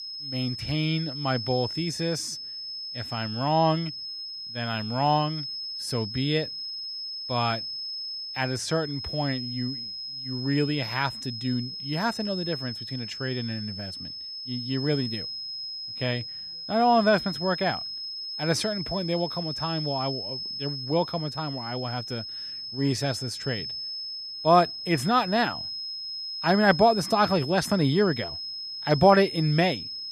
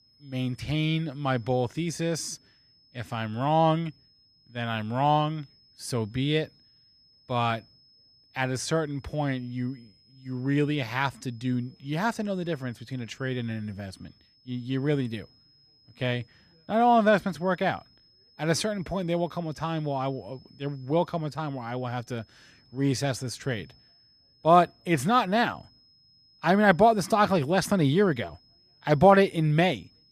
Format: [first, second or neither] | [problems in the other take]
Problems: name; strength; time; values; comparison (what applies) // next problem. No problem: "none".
second | high-pitched whine; loud; throughout; 5 kHz, 6 dB below the speech; faint in the second